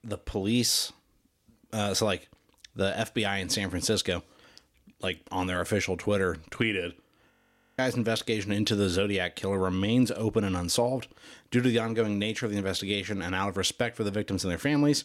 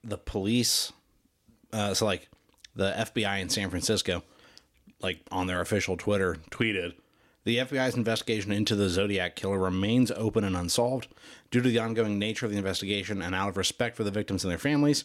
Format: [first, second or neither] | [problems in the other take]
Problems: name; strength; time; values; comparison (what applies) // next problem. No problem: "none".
second | audio freezing; at 7.5 s